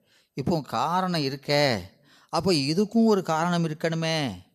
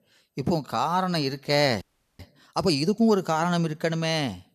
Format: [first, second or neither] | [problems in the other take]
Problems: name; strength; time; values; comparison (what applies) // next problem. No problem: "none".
first | audio freezing; at 2 s